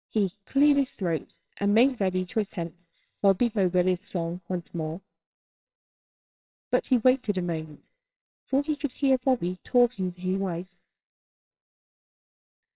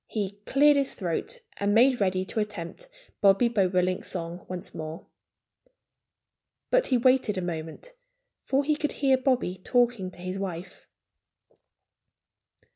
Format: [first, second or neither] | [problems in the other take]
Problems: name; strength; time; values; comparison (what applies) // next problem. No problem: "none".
second | noise reduction (neural separator model SepFormer WHAMR!)